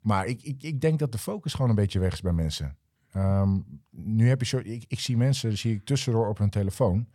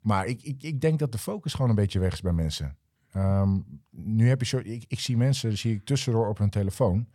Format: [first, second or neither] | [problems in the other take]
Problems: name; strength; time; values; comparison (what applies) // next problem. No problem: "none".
neither | none